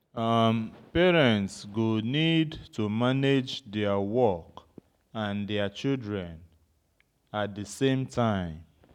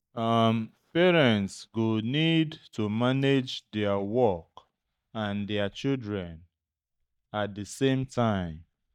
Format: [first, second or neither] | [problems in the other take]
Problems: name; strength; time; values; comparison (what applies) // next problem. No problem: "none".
first | noise reduction (neural mask model DeepFilterNet 3)